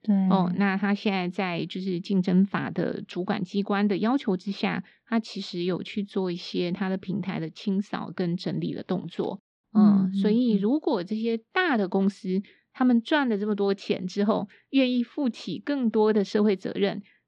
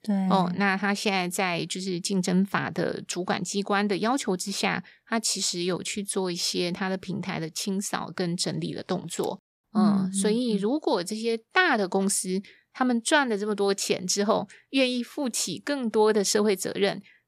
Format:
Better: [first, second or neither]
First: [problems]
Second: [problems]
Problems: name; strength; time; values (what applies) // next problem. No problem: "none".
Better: second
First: muffled; slightly; fading above 3.5 kHz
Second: none